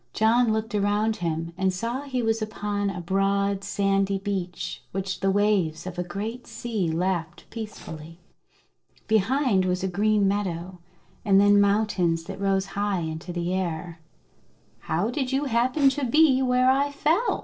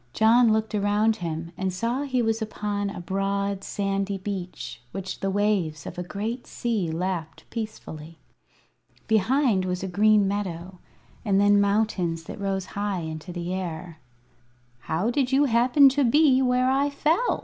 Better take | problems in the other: second | noise reduction (neural separator model SepFormer DNS4)

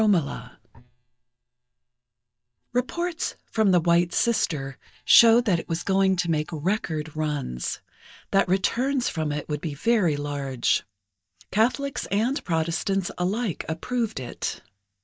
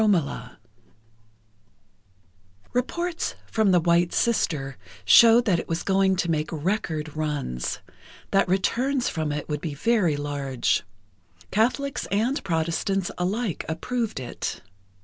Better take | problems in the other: second | noise reduction (neural mask model DeepFilterNet 3)

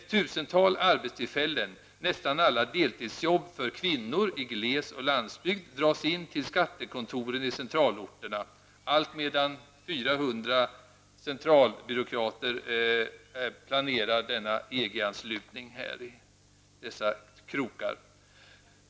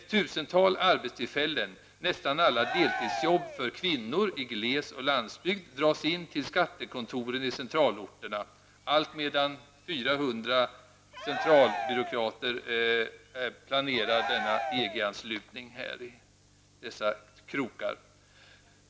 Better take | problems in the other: first | background sound (Cheering); 5 dB below the speech

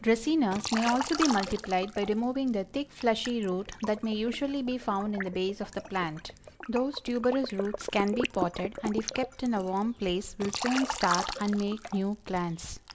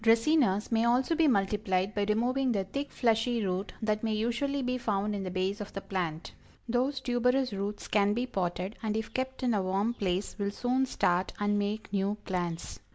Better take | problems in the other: second | background sound (Liquid); 9 dB below the speech

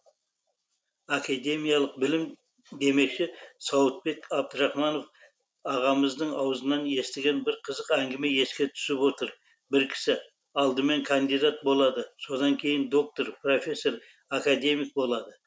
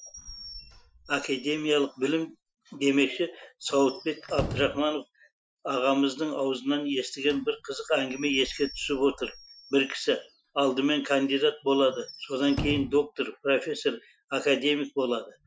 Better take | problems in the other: first | noise reduction (classical method Wiener filter)

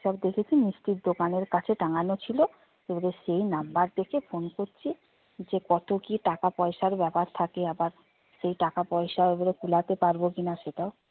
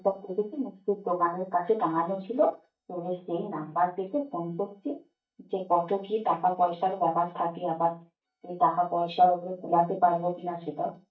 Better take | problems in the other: first | noise reduction (neural mask model DeepFilterNet 3)

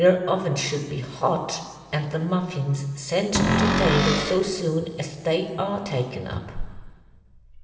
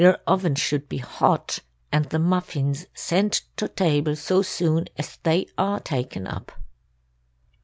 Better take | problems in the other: second | background sound (Cupboard open or close); 2 dB above the speech // room echo; dies away in 2.1 s

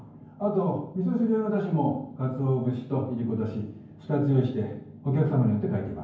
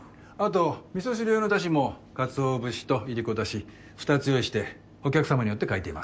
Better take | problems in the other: second | room echo; dies away in 0.9 s

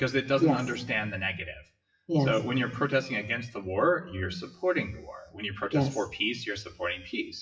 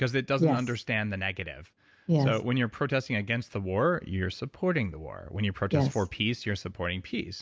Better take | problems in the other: second | noise reduction (classical method WPE with log-MMSE)

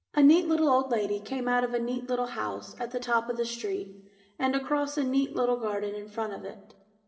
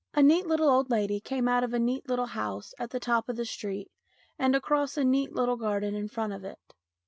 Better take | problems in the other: second | room echo; dies away in 0.9 s

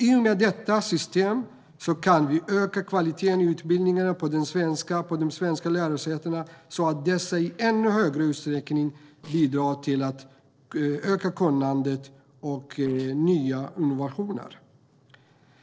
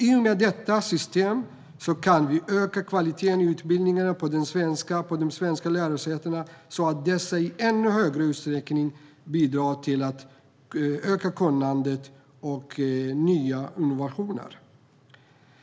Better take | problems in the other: second | noise reduction (neural separator model SepFormer DNS4)

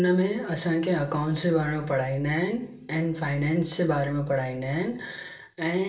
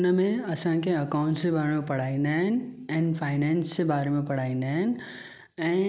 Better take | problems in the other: second | room echo; dies away in 0.3 s

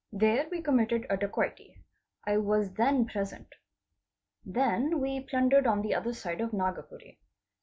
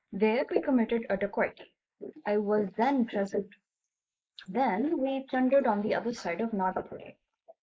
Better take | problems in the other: first | noise reduction (neural mask model Resemble Enhance denoiser)

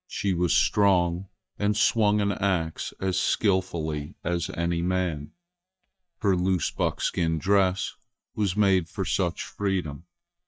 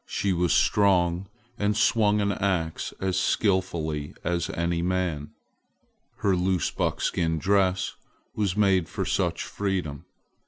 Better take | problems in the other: second | noise reduction (neural mask model DeepFilterNet 3)

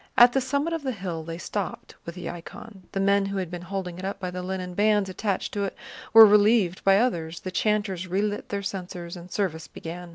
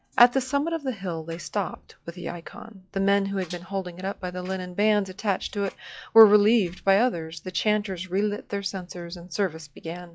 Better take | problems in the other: first | noise reduction (classical method log-MMSE)

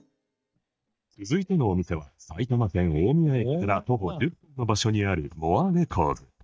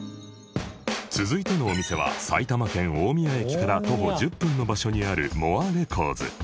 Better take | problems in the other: second | noise reduction (neural mask model DeepFilterNet 3)

